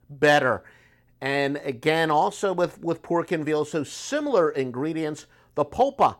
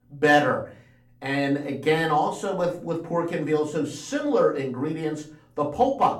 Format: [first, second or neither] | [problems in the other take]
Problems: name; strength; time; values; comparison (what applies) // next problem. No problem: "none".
first | room echo; slight; dies away in 0.3 s // off-mic speech; far